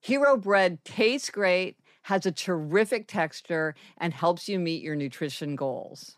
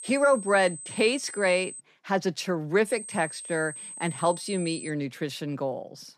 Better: first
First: none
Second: high-pitched whine; noticeable; until 2 s and from 3 to 5 s; 8.5 kHz, 10 dB below the speech

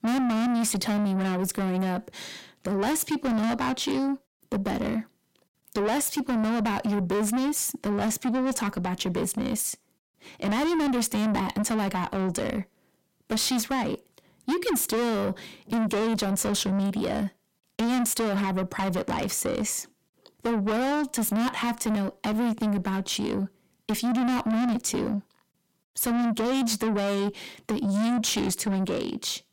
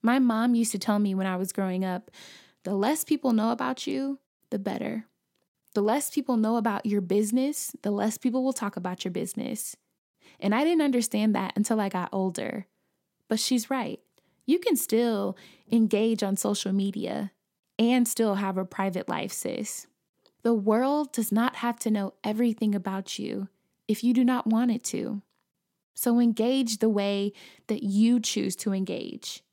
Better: second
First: distortion; heavy; 6 dB below the speech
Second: none

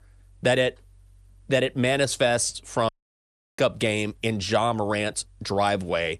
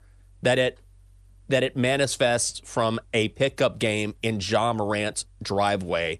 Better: second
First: audio cutting out; at 3 s for 0.5 s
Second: none

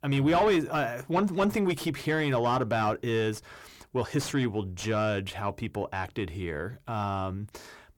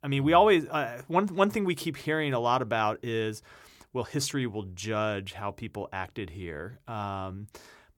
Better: second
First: distortion; heavy; 7 dB below the speech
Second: none

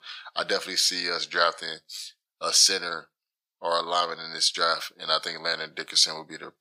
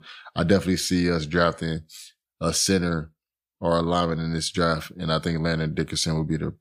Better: second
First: thin; very; fading below 800 Hz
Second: none

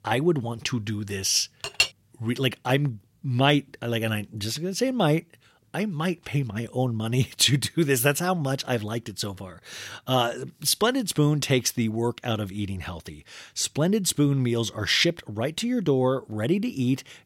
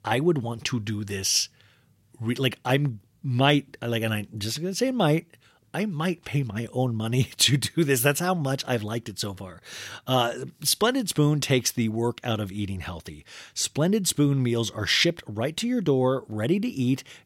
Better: second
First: clattering dishes; loud; at 1.5 s; peak 1 dB above the speech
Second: none

